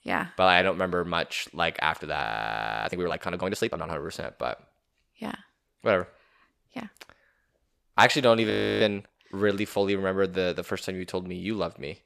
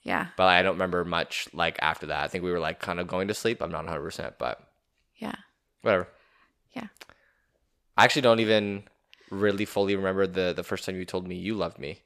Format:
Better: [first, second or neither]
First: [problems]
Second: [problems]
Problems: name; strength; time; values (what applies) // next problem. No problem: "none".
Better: second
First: audio freezing; at 2 s for 0.5 s and at 8.5 s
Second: none